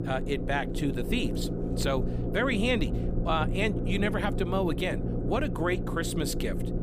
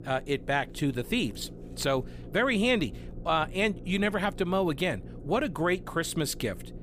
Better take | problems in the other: second | low rumble; loud; throughout; 7 dB below the speech; faint in the second

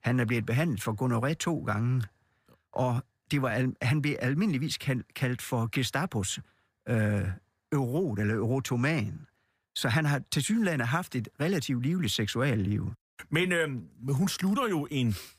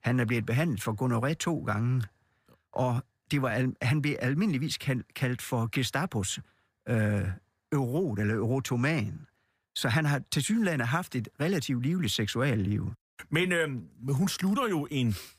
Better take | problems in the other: neither | none

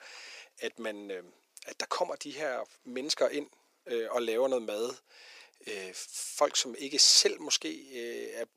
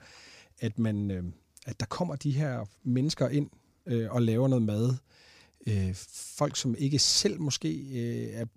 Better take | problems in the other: second | thin; very; fading below 400 Hz

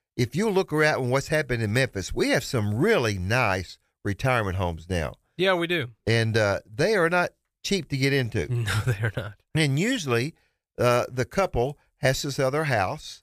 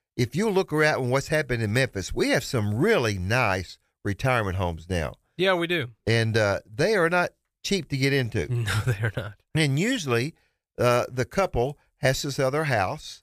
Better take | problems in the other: neither | none

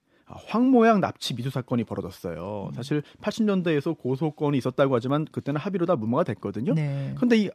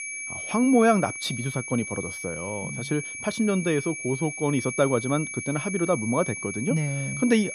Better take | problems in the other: first | high-pitched whine; loud; throughout; 2.5 kHz, 7 dB below the speech

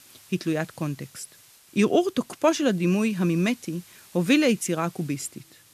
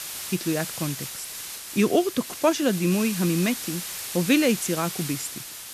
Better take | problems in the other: first | hiss; loud; throughout; 7 dB below the speech; faint in the first

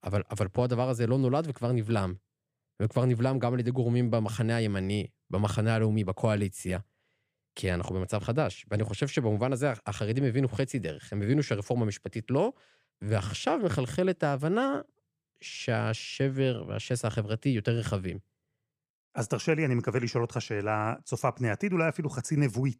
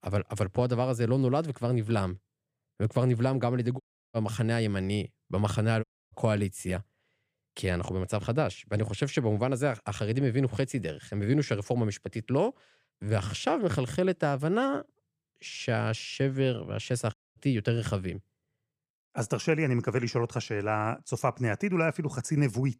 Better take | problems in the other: first | audio cutting out; at 4 s, at 6 s and at 17 s

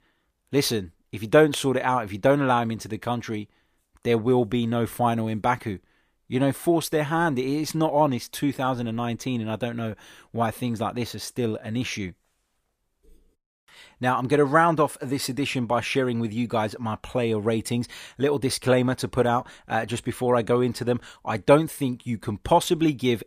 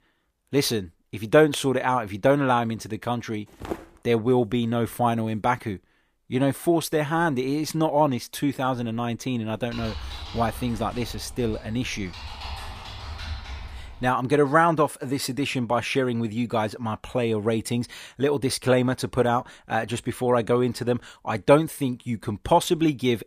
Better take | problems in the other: first | footsteps; faint; at 3.5 s; peak 10 dB below the speech // keyboard typing; faint; from 9.5 to 14 s; peak 10 dB below the speech

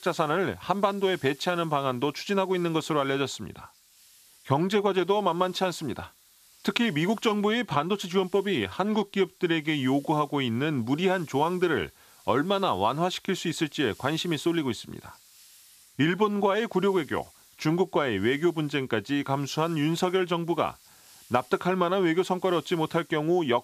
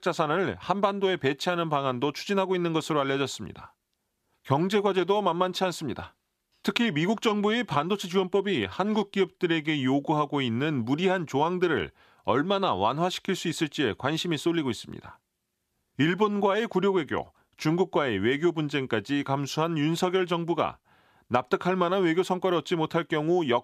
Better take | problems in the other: second | hiss; faint; throughout; 25 dB below the speech

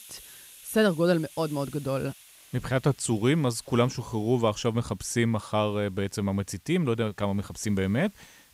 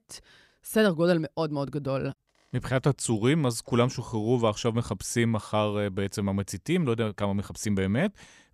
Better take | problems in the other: second | hiss; faint; throughout; 25 dB below the speech

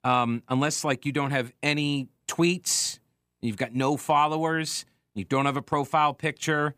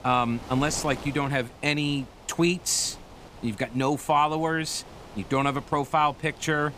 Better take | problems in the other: first | wind noise on the microphone; occasional gusts; 20 dB below the speech

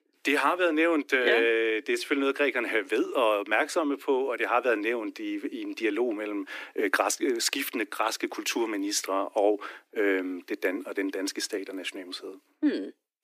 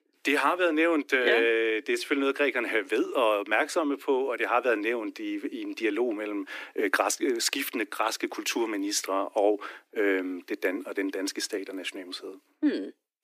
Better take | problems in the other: neither | thin; somewhat; fading below 300 Hz; the same in both

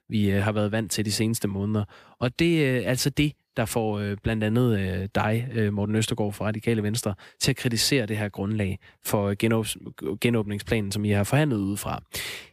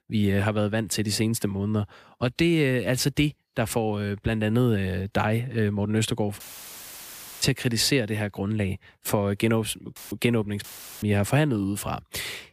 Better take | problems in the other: first | audio cutting out; filled with static; at 6.5 s for 1 s, at 10 s and at 11 s

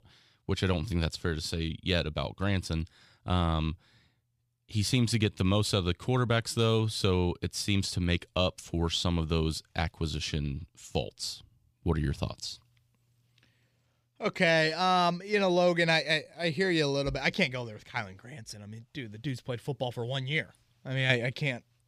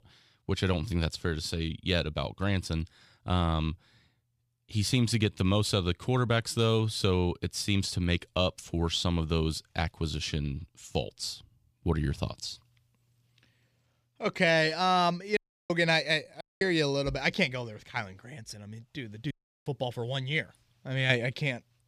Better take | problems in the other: first | audio cutting out; at 15 s, at 16 s and at 19 s

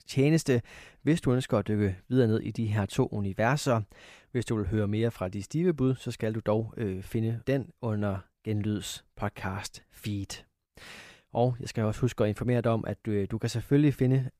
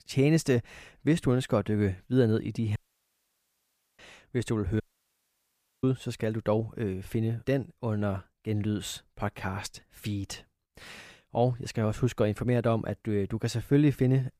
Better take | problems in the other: first | audio cutting out; at 3 s for 1 s and at 5 s for 1 s

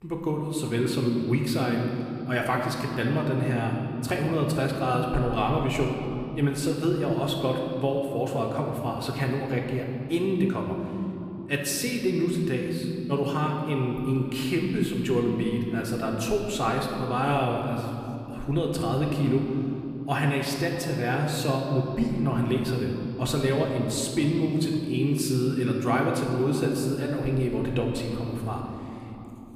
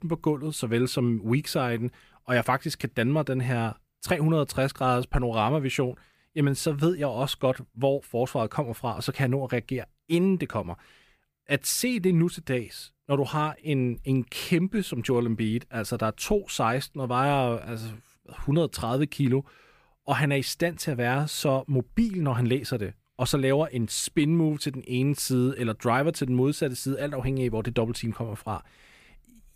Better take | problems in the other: second | room echo; noticeable; dies away in 3 s // off-mic speech; somewhat distant

